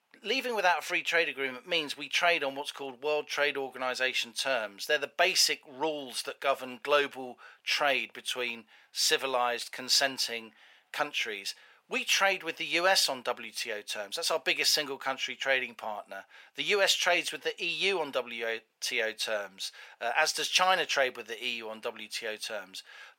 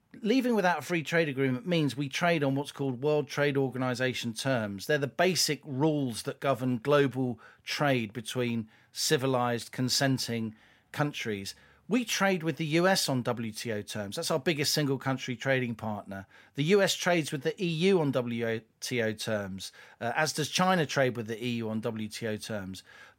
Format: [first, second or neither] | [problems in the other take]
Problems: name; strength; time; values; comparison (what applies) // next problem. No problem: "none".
second | thin; very; fading below 650 Hz